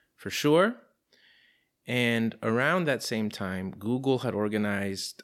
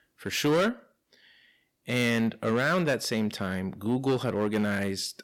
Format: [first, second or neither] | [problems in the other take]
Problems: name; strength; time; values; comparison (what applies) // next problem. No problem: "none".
first | distortion; slight; 6% of the sound clipped